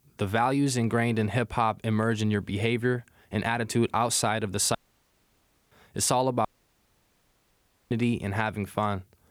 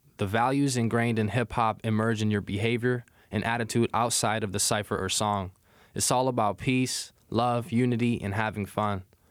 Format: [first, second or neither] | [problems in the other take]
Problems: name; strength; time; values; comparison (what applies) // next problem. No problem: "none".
second | audio cutting out; at 5 s for 1 s and at 6.5 s for 1.5 s